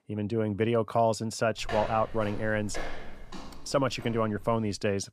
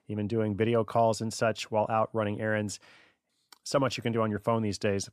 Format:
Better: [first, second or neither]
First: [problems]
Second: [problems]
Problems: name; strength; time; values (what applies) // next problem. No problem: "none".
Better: second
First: footsteps; noticeable; from 1.5 s on; peak 8 dB below the speech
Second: none